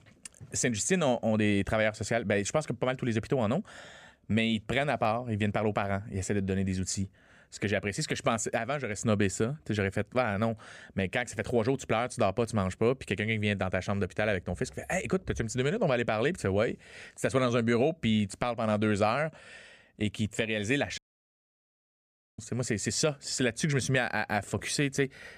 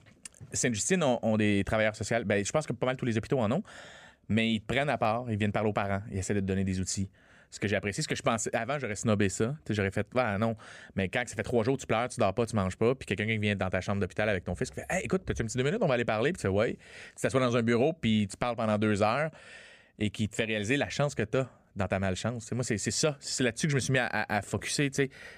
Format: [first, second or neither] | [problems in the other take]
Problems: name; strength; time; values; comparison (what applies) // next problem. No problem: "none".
second | audio cutting out; at 21 s for 1.5 s